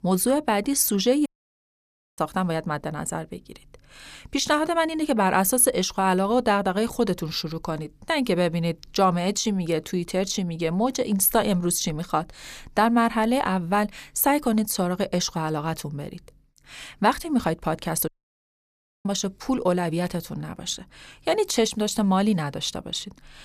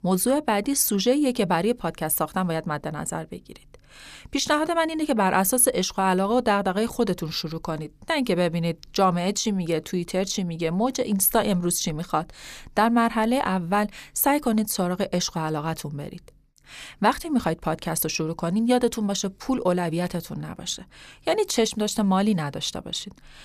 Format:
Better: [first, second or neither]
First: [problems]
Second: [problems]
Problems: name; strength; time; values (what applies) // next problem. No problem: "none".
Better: second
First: audio cutting out; at 1.5 s for 1 s and at 18 s for 1 s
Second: none